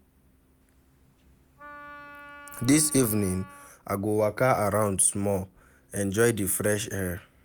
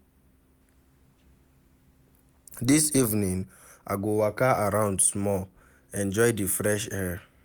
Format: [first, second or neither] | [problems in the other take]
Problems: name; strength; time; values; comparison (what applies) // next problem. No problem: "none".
second | background sound (Wind instrument, woodwind instrument); 19 dB below the speech